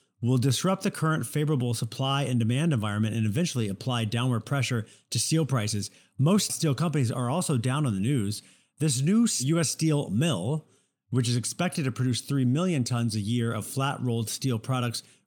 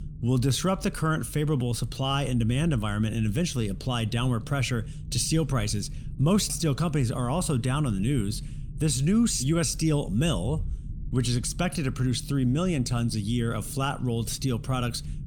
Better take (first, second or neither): first